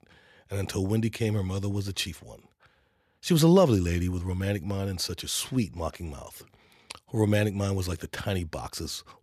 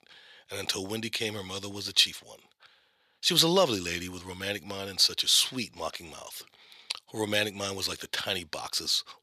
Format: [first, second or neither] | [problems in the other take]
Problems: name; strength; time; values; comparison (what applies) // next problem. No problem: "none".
first | thin; somewhat; fading below 850 Hz